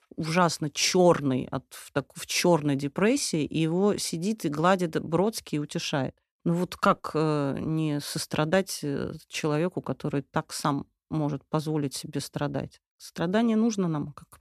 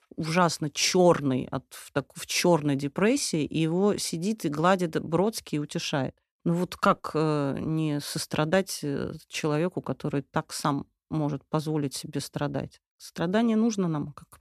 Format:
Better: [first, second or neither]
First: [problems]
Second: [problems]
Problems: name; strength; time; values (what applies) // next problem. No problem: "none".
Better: neither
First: none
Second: none